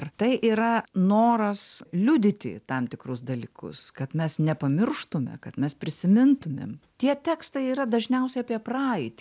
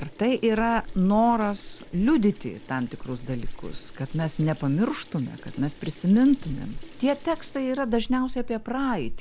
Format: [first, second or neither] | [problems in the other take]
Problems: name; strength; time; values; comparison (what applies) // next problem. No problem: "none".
first | background sound (Sink (filling or washing) / Water tap, faucet); 10 dB below the speech